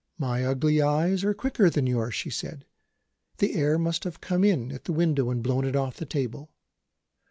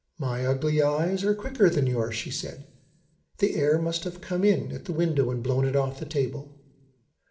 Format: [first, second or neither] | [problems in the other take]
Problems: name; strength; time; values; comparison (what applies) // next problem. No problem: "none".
first | room echo; dies away in 0.6 s